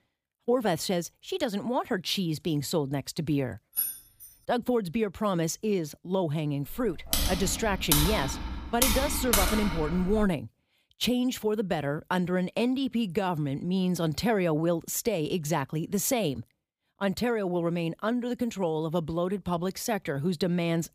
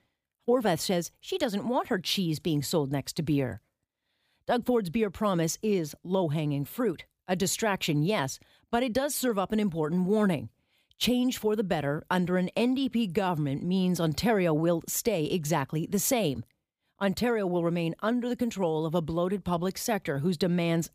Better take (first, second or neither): second